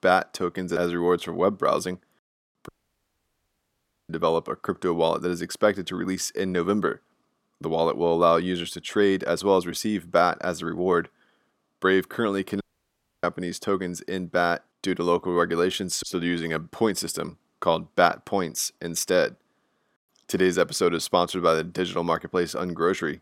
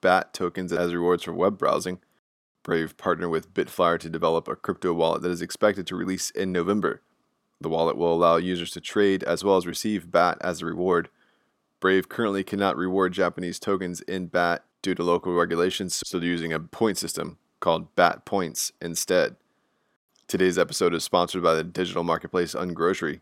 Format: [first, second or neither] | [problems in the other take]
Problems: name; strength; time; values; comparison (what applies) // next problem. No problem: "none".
second | audio cutting out; at 2.5 s for 1.5 s and at 13 s for 0.5 s